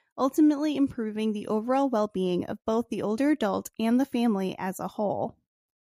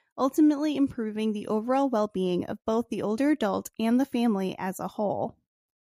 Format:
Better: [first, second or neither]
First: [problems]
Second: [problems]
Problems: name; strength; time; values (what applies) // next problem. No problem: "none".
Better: neither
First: none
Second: none